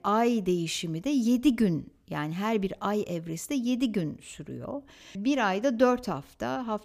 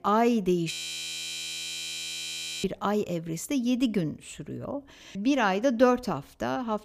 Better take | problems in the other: first | audio freezing; at 0.5 s for 2 s

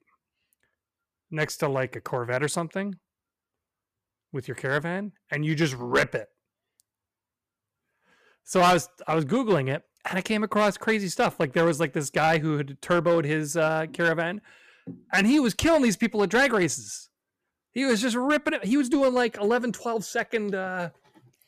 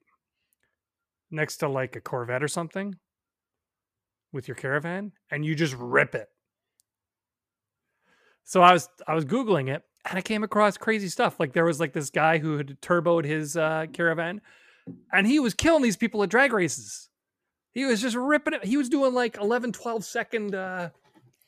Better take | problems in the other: second | distortion; slight; 3% of the sound clipped

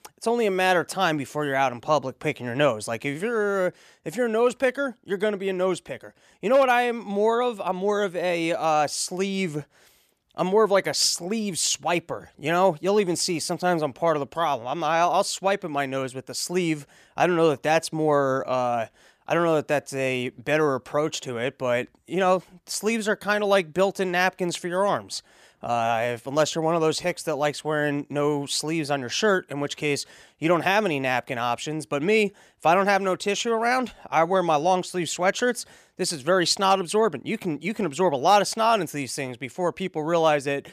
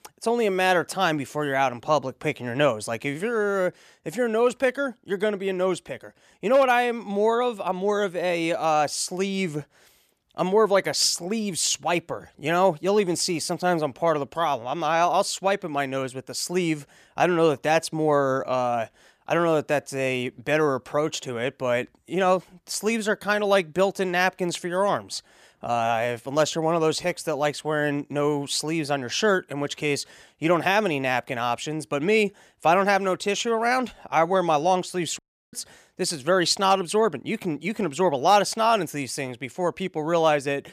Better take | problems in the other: first | audio cutting out; at 35 s

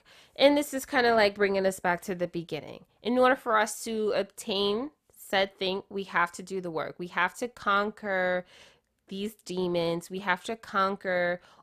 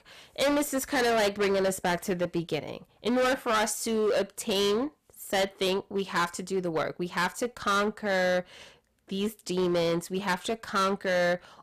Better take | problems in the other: first | distortion; heavy; 15% of the sound clipped

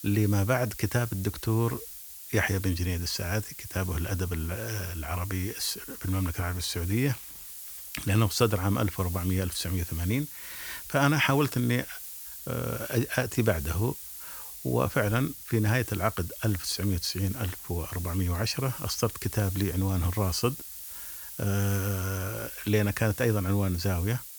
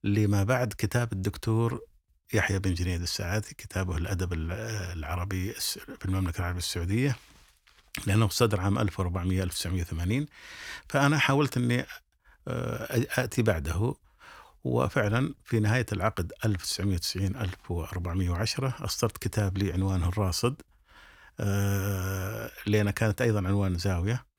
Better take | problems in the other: second | hiss; loud; throughout; 10 dB below the speech

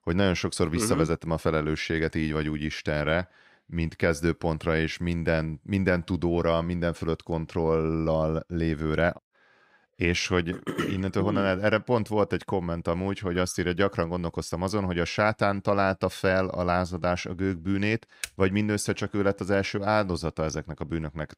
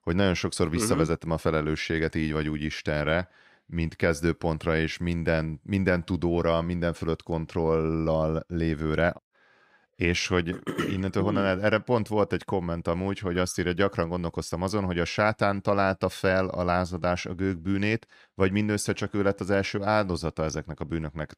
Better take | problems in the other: second | keyboard typing; very faint; at 18 s; peak 10 dB below the speech

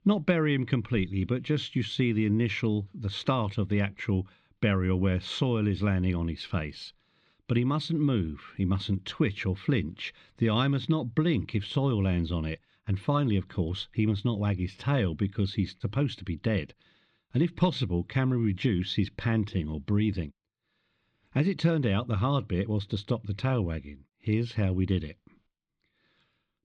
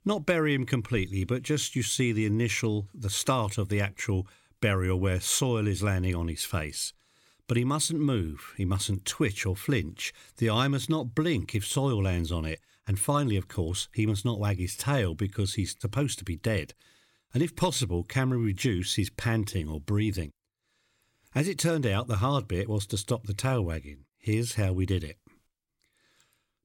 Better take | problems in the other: second | muffled; slightly; fading above 3.5 kHz

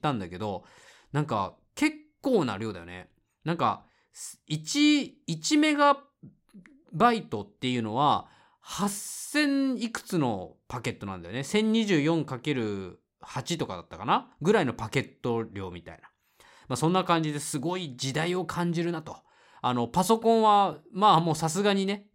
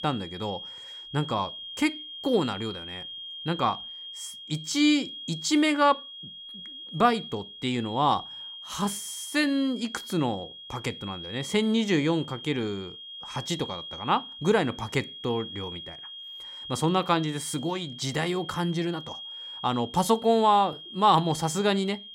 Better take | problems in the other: first | high-pitched whine; noticeable; throughout; 3.5 kHz, 10 dB below the speech

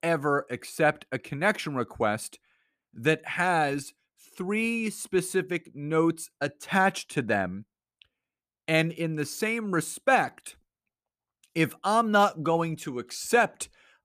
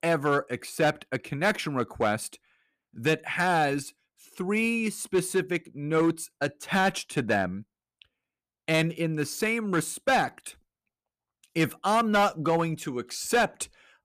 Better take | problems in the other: first | distortion; slight; 4% of the sound clipped

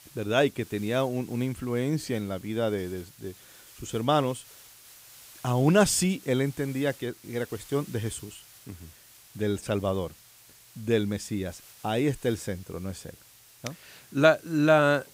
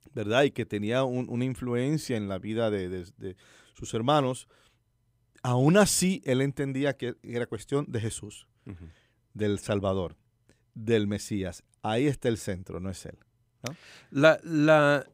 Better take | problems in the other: second | hiss; faint; throughout; 20 dB below the speech

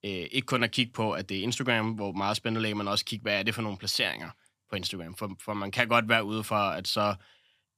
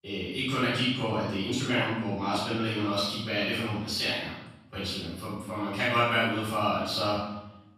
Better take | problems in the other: first | off-mic speech; far // room echo; strong; dies away in 0.8 s

